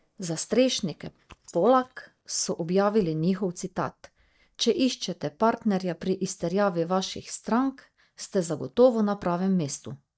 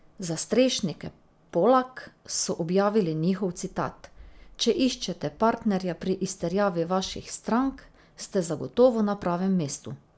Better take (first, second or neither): second